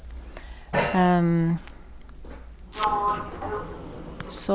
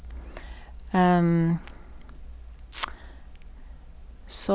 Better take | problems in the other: second | background sound (Sliding door); 4 dB below the speech

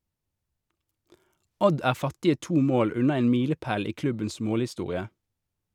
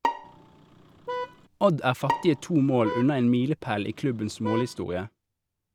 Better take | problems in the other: first | background sound (Bowed string instrument + Vehicle horn, car horn, honking); 8 dB below the speech

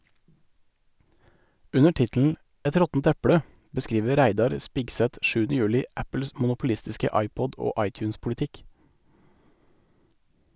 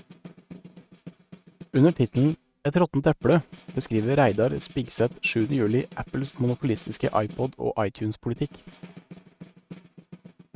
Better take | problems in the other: first | noise reduction (neural mask model RNNoise)

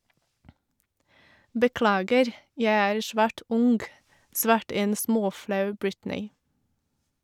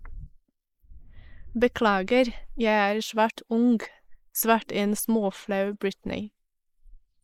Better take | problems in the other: first | noise reduction (neural mask model Resemble Enhance denoiser)

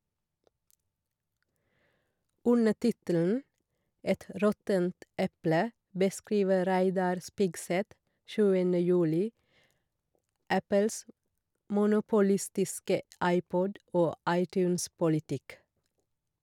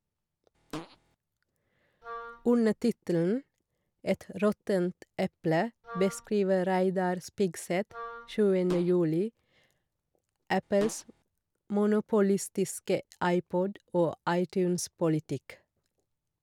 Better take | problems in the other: first | background sound (Wind instrument, woodwind instrument + Fart); 14 dB below the speech

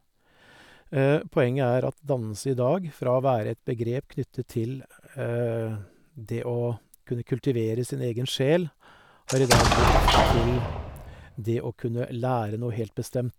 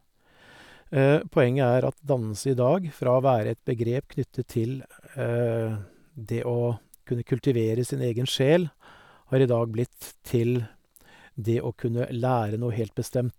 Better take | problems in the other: second | background sound (Explosion); 5 dB above the speech

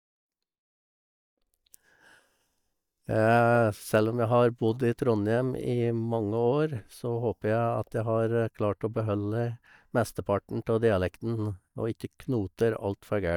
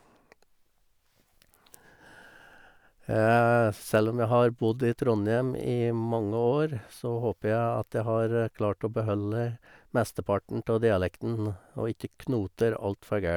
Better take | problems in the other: second | noise reduction (neural mask model DeepFilterNet 3)

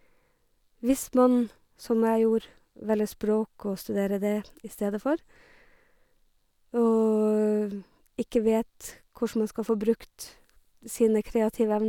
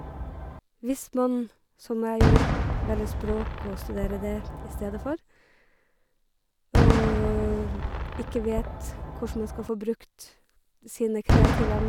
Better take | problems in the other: first | background sound (Fireworks); 4 dB above the speech

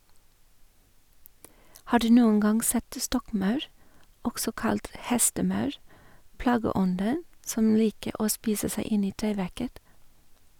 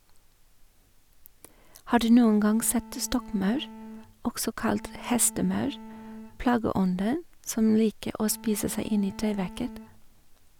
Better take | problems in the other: first | background sound (Bowed string instrument); 17 dB below the speech

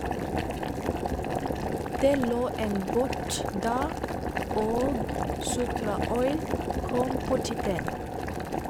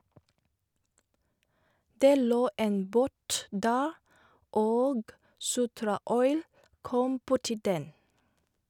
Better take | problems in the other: second | background sound (Boiling); 1 dB above the speech

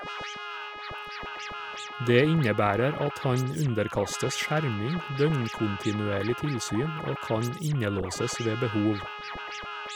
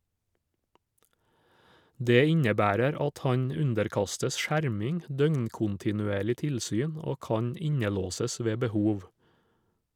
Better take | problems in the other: second | background sound (Trumpet + Scratching (performance technique)); 9 dB below the speech

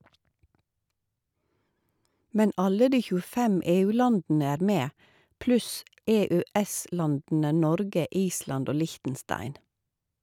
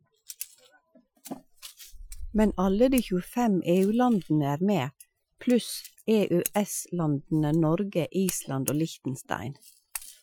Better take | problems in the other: first | noise reduction (classical method Wiener filter)

